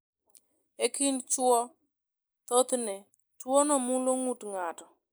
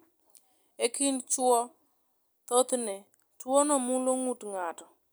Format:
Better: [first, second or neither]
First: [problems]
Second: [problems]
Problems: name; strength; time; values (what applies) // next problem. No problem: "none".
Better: second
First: noise reduction (neural mask model Resemble Enhance denoiser)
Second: none